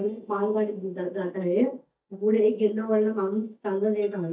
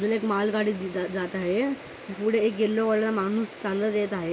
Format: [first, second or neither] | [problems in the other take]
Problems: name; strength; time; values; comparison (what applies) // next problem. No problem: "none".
second | noise reduction (neural mask model DeepFilterNet 3)